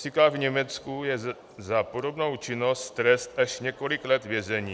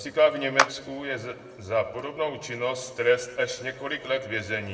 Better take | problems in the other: first | background sound (Clapping); 3 dB below the speech // room echo; dies away in 1.1 s

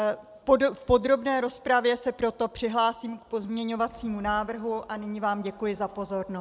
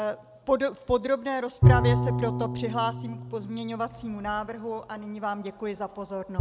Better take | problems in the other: first | background sound (Bowed string instrument); 1 dB above the speech

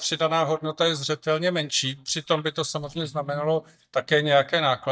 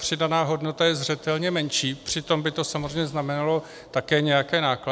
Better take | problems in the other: second | noise reduction (neural mask model DeepFilterNet 3)

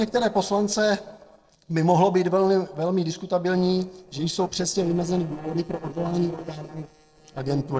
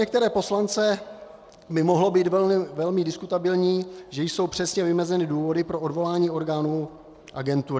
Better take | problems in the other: second | noise reduction (neural separator model SepFormer DNS4)

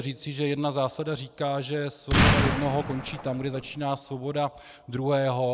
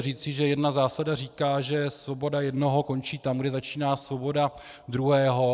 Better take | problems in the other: second | background sound (Explosion); 3 dB above the speech

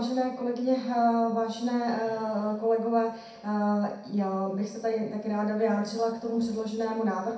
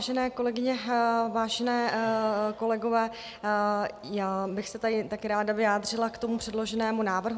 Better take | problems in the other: second | room echo; dies away in 0.6 s

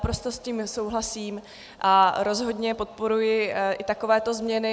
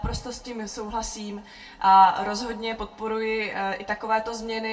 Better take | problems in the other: first | room echo; dies away in 0.2 s

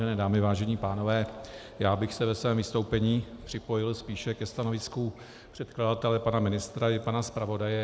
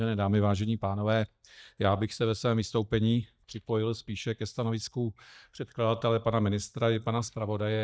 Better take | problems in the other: first | noise reduction (neural mask model DeepFilterNet 3)

